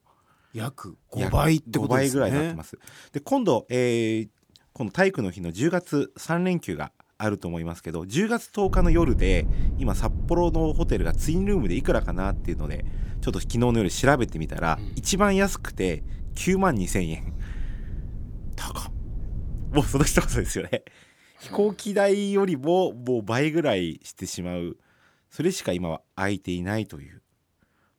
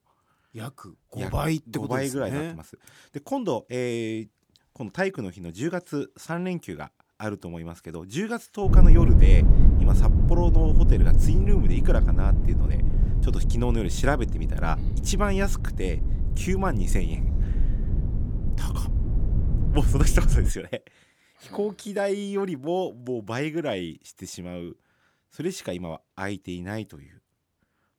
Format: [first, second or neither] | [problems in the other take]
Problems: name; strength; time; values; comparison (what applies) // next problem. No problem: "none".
first | low rumble; loud; from 8.5 to 20 s; 6 dB below the speech; faint in the first